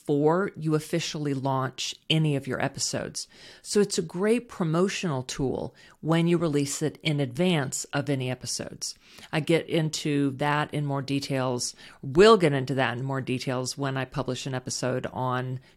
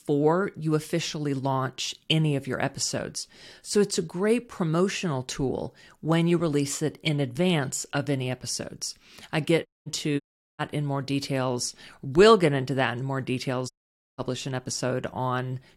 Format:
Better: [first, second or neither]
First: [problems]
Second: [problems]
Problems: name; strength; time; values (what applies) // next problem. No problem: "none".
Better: first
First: none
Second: audio cutting out; at 9.5 s, at 10 s and at 14 s